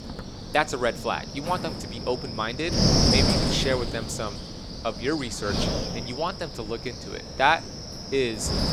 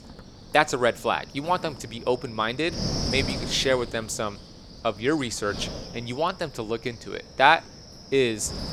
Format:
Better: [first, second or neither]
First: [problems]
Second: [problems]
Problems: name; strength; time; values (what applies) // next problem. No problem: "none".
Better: second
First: wind noise on the microphone; heavy; 2 dB below the speech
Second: wind noise on the microphone; occasional gusts; 15 dB below the speech